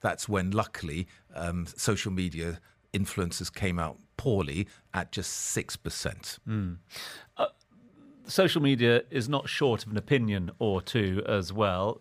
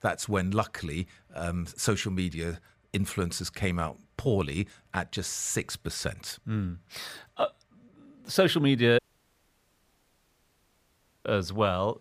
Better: first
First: none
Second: audio cutting out; at 9 s for 2.5 s

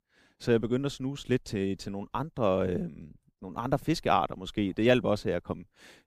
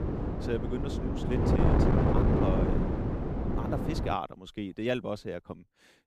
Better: first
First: none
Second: wind noise on the microphone; heavy; until 4 s; 3 dB above the speech

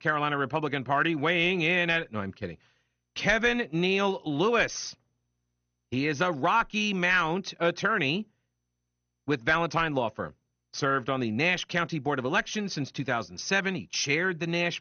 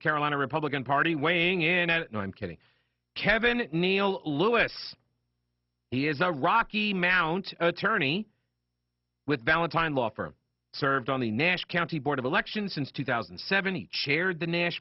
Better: first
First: garbled, watery; slightly; nothing above 6.5 kHz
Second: garbled, watery; badly; nothing above 5.5 kHz

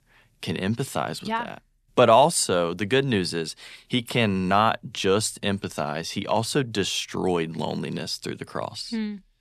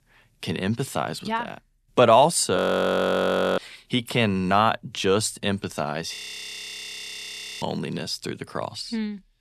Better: first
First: none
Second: audio freezing; at 2.5 s for 1 s and at 6 s for 1.5 s

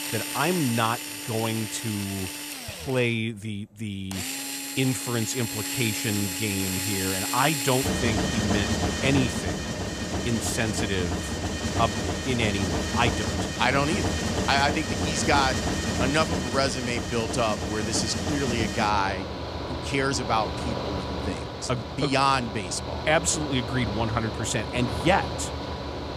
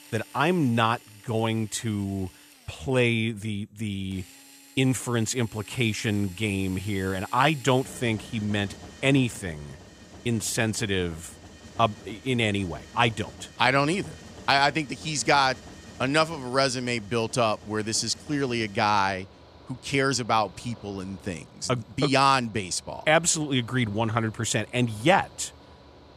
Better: second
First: machinery noise; loud; throughout; 2 dB below the speech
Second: machinery noise; faint; throughout; 20 dB below the speech

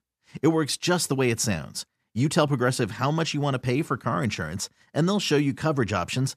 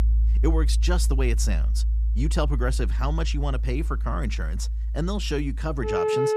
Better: first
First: none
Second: background music; very loud; throughout; 5 dB above the speech

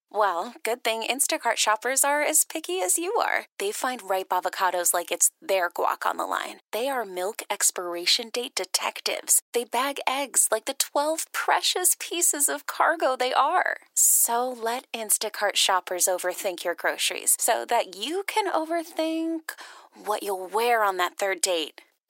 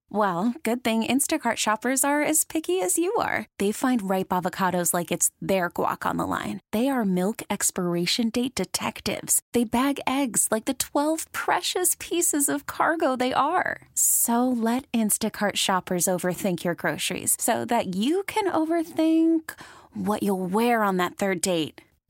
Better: second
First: thin; very; fading below 400 Hz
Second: none

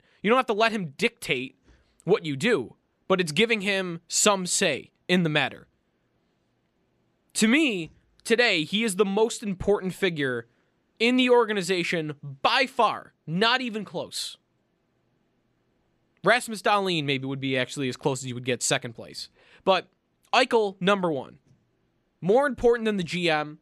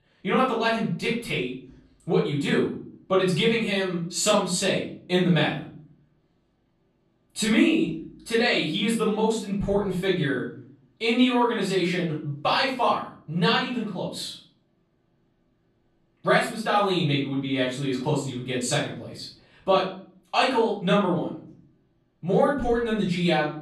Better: first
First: none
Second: room echo; noticeable; dies away in 0.6 s // off-mic speech; far

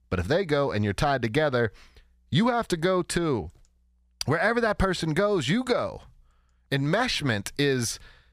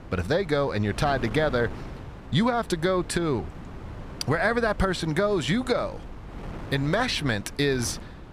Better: first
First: none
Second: wind noise on the microphone; occasional gusts; 20 dB below the speech

